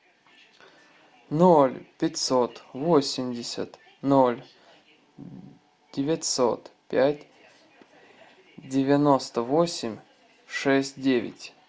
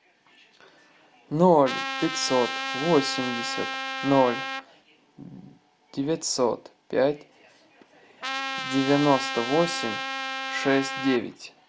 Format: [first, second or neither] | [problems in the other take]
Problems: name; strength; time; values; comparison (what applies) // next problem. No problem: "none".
first | background sound (Trumpet); 5 dB below the speech